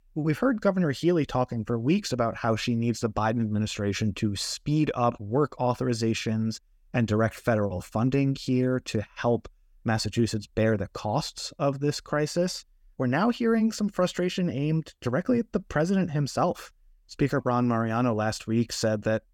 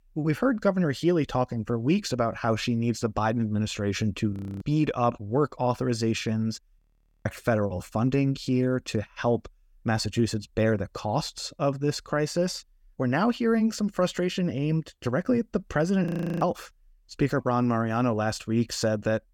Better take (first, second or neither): first